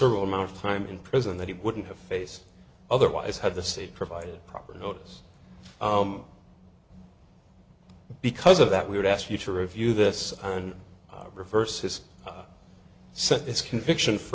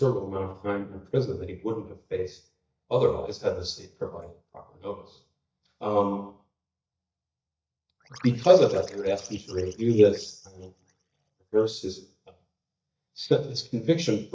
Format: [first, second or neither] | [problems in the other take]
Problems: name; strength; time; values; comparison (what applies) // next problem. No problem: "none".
first | noise reduction (neural mask model DeepFilterNet 3)